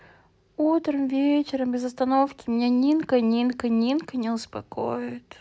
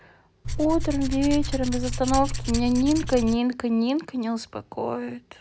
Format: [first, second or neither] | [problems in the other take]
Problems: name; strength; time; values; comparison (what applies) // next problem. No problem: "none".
first | background sound (Tools); 3 dB below the speech